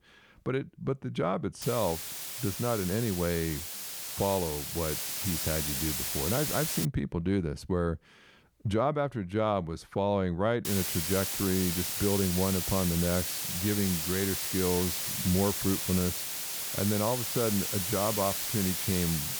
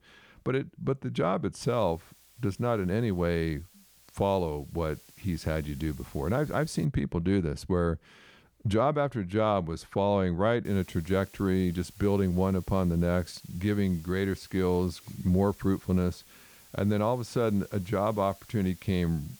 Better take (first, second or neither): second